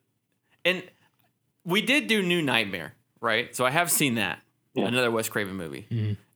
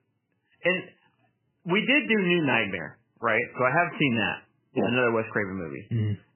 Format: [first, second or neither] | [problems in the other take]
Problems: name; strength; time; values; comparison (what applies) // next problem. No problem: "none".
first | garbled, watery; badly; nothing above 3 kHz